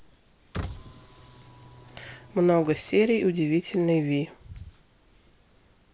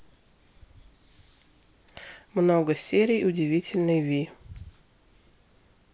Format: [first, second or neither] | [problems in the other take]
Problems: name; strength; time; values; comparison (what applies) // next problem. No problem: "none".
second | background sound (Car); 15 dB below the speech